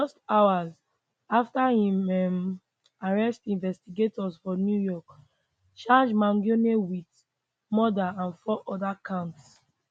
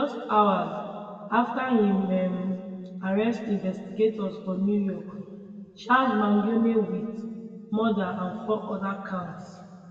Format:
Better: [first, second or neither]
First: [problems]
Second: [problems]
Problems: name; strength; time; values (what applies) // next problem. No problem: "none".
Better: first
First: none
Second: room echo; dies away in 2 s